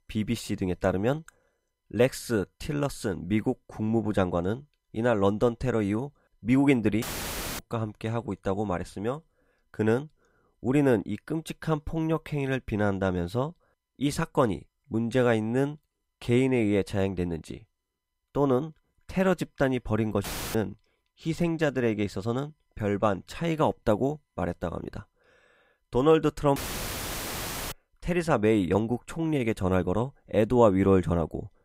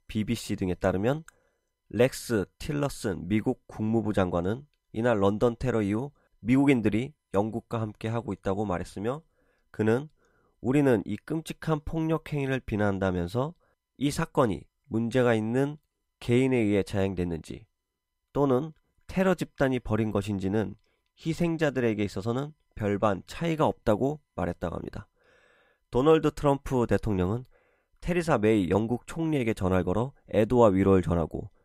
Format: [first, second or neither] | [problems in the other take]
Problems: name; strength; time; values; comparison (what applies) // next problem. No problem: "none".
second | audio cutting out; filled with static; at 7 s for 0.5 s, at 20 s and at 27 s for 1 s